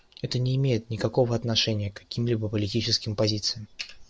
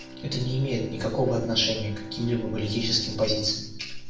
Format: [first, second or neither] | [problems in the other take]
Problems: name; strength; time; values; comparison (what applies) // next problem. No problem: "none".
first | background sound (Bowed string instrument); 11 dB below the speech // room echo; dies away in 0.6 s